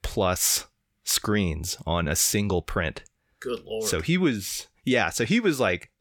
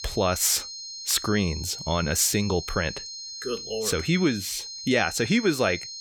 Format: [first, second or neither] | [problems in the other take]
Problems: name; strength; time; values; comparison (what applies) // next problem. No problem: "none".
first | high-pitched whine; loud; throughout; 4 kHz, 10 dB below the speech